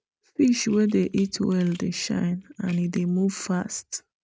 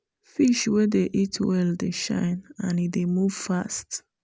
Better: second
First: noise reduction (neural mask model RNNoise)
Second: none

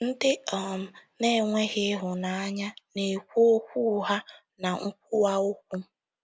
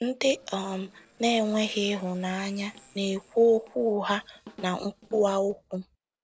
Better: first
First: none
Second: noise reduction (neural separator model SepFormer DNS4)

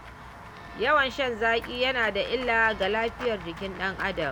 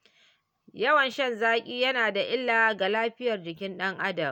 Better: second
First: background sound (Walk, footsteps / Run / Bell); 14 dB below the speech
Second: none

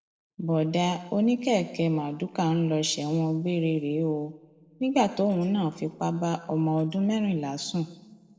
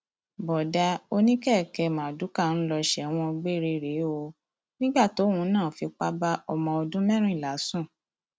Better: second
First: noise reduction (neural separator model SepFormer DNS4)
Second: none

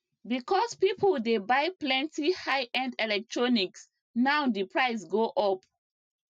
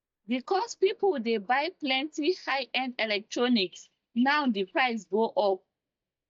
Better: first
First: none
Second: noise reduction (neural mask model DeepFilterNet 3)

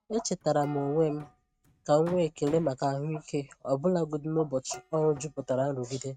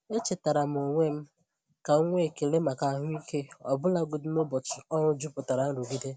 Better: second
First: noise reduction (neural mask model RNNoise)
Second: none

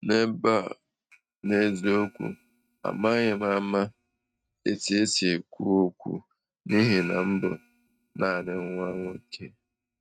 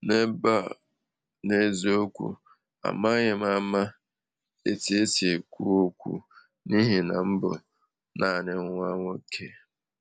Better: second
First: noise reduction (neural mask model RNNoise)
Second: none

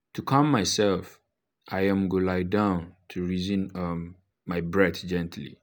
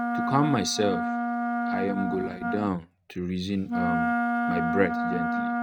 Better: first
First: none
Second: noise reduction (neural mask model RNNoise)

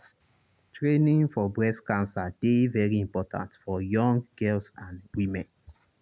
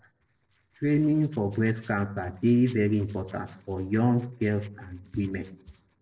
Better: first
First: none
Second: noise reduction (neural separator model SepFormer DNS4)

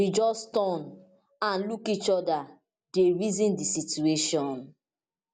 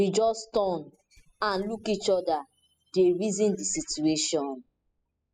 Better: first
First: none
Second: noise reduction (classical method spectral subtraction)

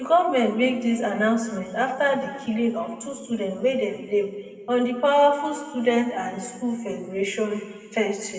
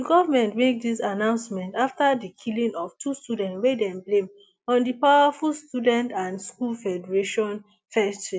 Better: second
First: room echo; dies away in 1.9 s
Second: none

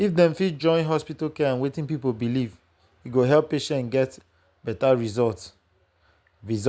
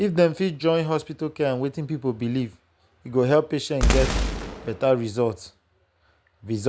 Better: first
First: none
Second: background sound (Boom); 1 dB below the speech

